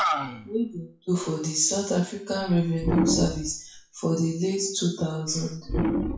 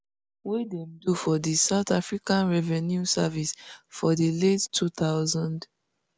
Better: second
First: noise reduction (classical method WPE with log-MMSE)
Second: none

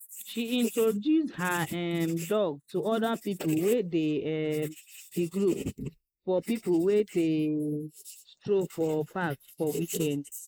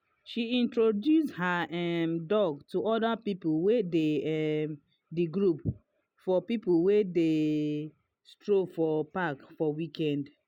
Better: second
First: noise reduction (neural mask model Resemble Enhance denoiser)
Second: none

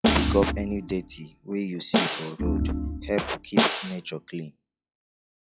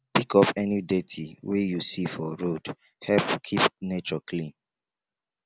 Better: second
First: noise reduction (classical method log-MMSE)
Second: none

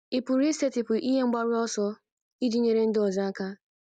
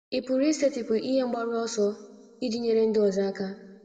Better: first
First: none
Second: room echo; dies away in 1.2 s

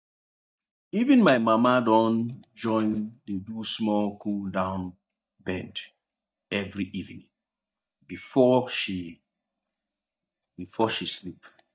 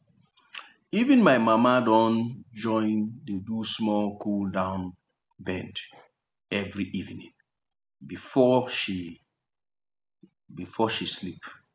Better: second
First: noise reduction (neural mask model DeepFilterNet 3)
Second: none

